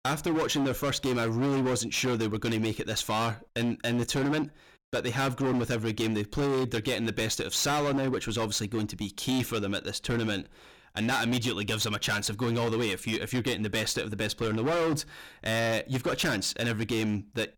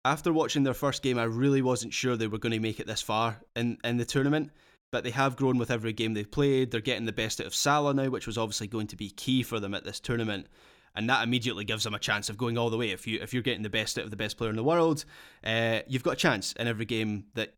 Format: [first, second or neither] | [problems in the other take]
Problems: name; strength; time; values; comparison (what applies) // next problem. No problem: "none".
second | distortion; heavy; 20% of the sound clipped